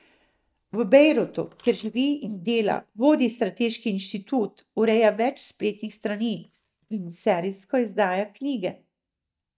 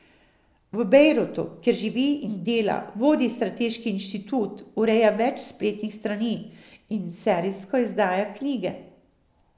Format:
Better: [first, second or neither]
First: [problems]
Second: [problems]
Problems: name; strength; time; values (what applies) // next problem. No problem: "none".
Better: second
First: noise reduction (neural mask model DeepFilterNet 3)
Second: none